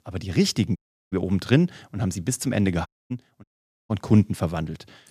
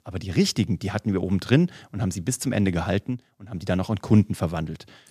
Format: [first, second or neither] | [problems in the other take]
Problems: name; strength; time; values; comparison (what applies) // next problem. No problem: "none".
second | audio cutting out; at 1 s, at 3 s and at 3.5 s